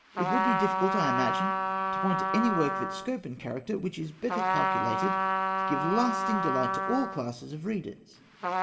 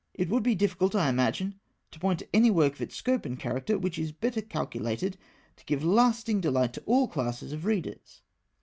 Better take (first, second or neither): second